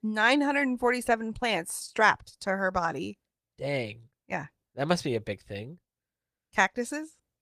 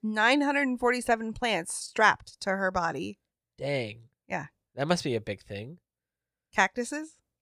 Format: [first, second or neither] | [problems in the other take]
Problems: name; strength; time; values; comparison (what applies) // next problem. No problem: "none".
second | garbled, watery; slightly